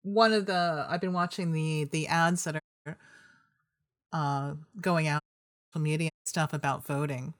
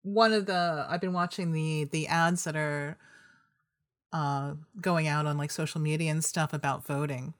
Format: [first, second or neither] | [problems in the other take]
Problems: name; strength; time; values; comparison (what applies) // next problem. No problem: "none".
second | audio cutting out; at 2.5 s, at 5 s for 0.5 s and at 6 s